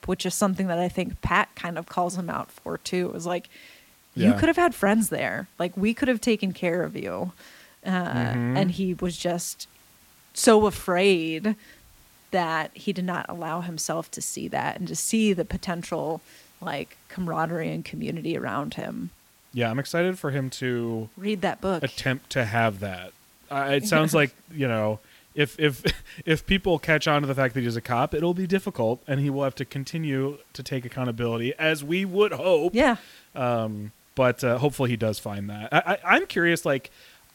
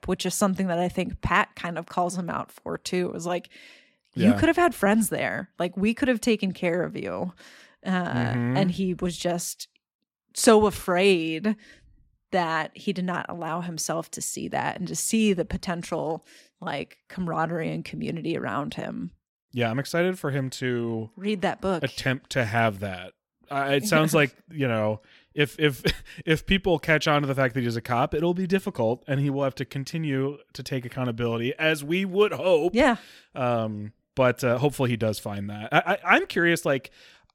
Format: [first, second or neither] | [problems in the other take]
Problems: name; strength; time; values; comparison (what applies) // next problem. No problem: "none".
second | hiss; faint; throughout; 30 dB below the speech